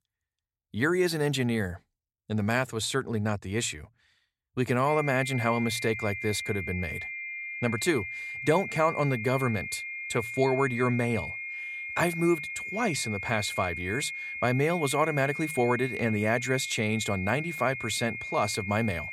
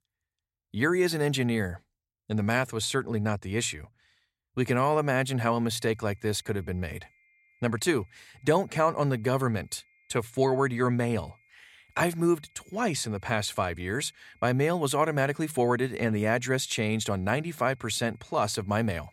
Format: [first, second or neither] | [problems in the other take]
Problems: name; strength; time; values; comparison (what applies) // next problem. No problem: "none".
second | high-pitched whine; loud; from 5 s on; 2 kHz, 6 dB below the speech; faint in the second